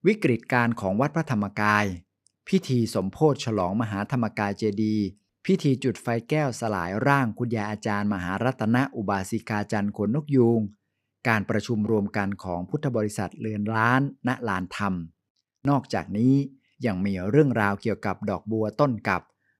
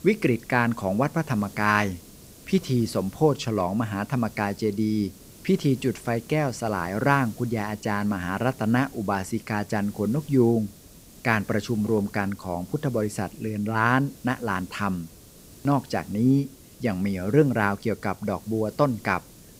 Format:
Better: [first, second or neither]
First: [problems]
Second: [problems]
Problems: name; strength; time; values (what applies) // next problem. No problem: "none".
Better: first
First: none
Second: hiss; faint; throughout; 20 dB below the speech